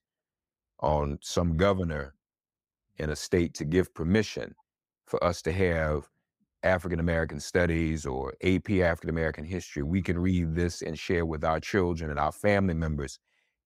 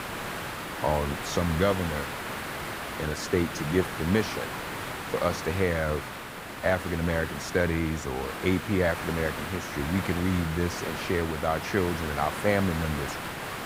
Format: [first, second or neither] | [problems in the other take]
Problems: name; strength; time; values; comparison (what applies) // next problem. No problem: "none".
first | hiss; loud; throughout; 6 dB below the speech